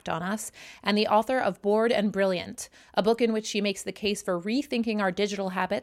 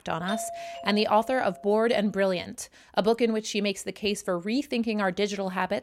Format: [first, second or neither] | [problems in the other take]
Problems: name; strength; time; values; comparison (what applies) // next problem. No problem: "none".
first | doorbell; noticeable; until 2 s; peak 9 dB below the speech